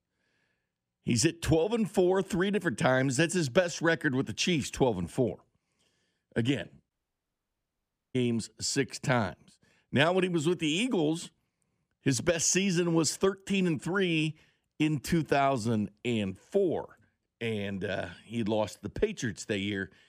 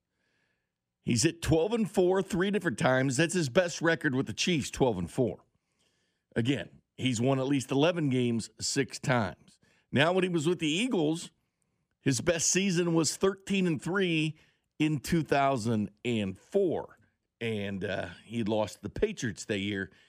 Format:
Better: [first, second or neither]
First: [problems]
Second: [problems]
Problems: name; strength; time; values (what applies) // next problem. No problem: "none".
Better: second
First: audio cutting out; at 7 s for 1 s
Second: none